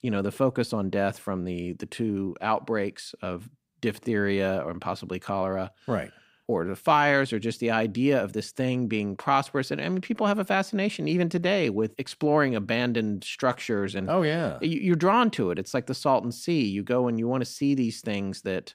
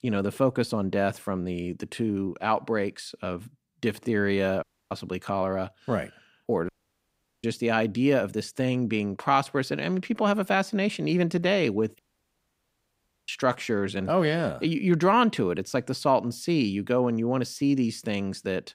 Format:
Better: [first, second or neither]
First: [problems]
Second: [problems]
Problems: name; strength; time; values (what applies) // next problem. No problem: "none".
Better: first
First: none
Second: audio cutting out; at 4.5 s, at 6.5 s for 0.5 s and at 12 s for 1.5 s